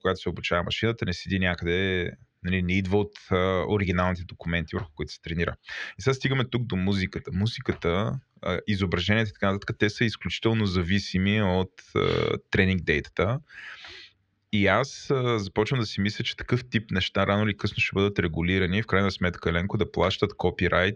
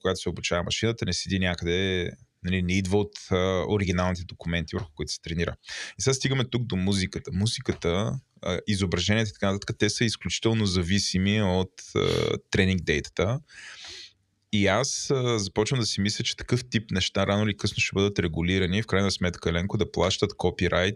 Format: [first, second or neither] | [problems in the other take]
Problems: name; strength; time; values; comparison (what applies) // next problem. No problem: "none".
second | muffled; slightly; fading above 3 kHz